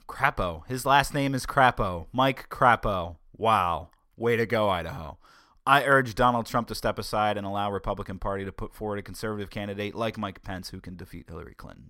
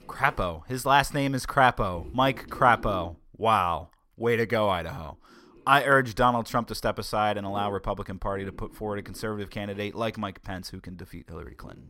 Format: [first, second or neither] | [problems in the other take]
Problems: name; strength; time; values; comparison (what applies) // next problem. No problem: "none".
first | household noises; faint; throughout; 20 dB below the speech